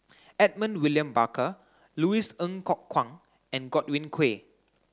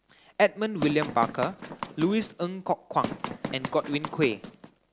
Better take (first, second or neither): first